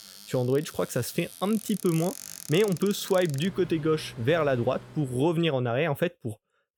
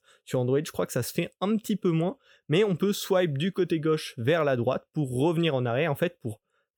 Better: second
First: household noises; noticeable; until 5 s; 15 dB below the speech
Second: none

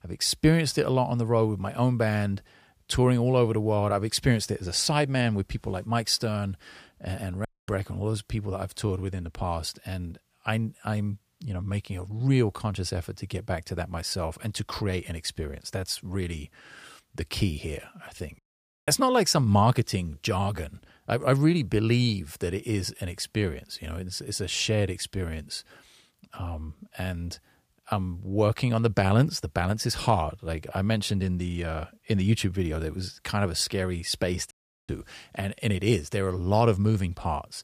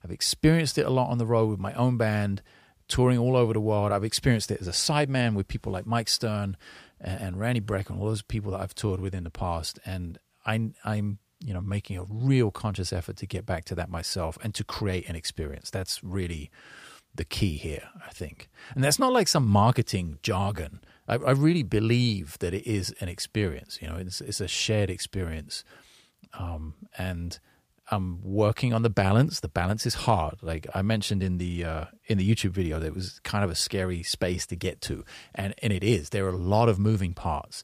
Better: second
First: audio cutting out; at 7.5 s, at 18 s and at 35 s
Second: none

